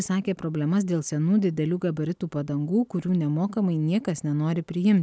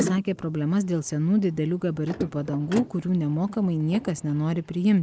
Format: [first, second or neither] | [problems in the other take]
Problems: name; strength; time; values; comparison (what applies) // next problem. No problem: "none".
first | noise reduction (neural mask model Resemble Enhance denoiser)